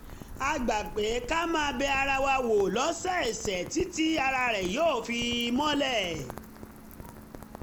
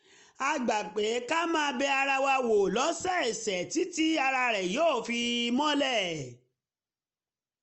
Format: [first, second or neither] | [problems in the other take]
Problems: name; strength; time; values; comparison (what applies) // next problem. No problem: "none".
second | background sound (Rain); 13 dB below the speech